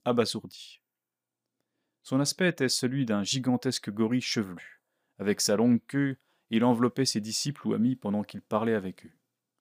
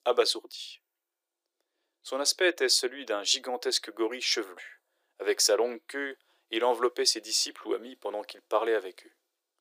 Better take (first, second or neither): first